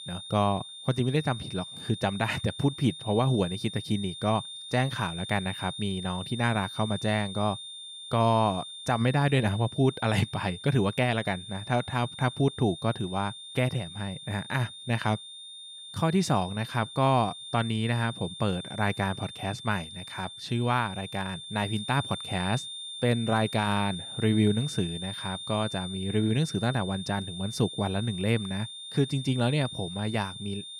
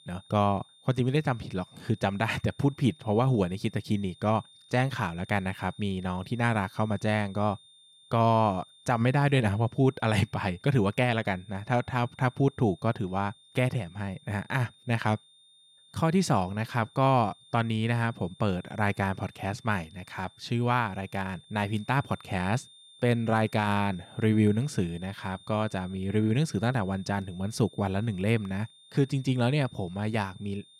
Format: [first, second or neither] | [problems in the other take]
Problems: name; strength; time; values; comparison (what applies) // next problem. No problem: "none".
second | high-pitched whine; loud; throughout; 3.5 kHz, 10 dB below the speech; faint in the second